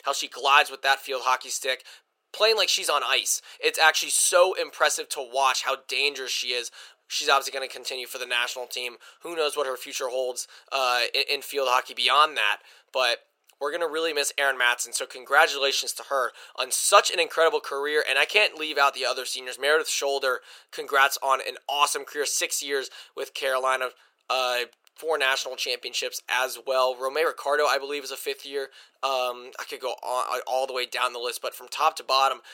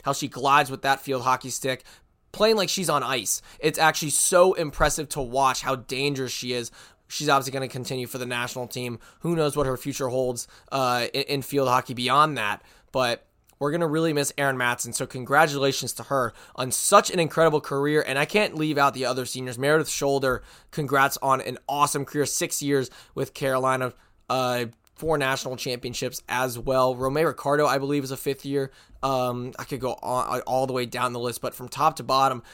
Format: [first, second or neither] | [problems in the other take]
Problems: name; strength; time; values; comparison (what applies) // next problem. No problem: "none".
second | thin; very; fading below 450 Hz